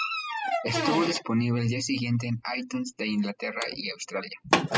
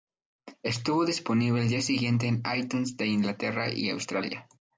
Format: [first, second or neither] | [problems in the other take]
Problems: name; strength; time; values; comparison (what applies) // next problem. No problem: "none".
second | noise reduction (classical method spectral subtraction)